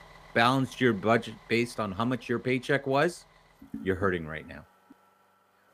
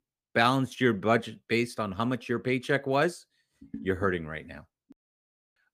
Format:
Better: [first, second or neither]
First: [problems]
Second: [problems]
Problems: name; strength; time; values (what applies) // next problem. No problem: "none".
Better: second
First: traffic noise; faint; throughout; 30 dB below the speech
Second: none